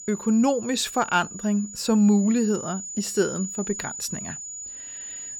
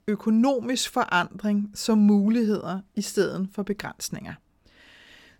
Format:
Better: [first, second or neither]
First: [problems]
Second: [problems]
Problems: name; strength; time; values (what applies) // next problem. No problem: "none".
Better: second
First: high-pitched whine; loud; throughout; 7 kHz, 10 dB below the speech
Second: none